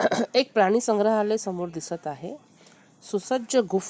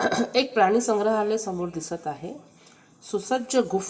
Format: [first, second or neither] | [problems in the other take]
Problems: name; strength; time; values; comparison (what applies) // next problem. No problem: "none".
first | room echo; dies away in 0.8 s